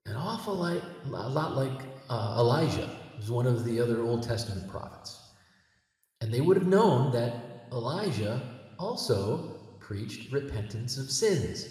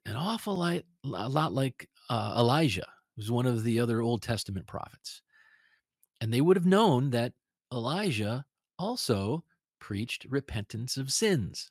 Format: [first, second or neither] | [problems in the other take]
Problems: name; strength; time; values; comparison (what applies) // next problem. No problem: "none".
second | room echo; slight; dies away in 1.3 s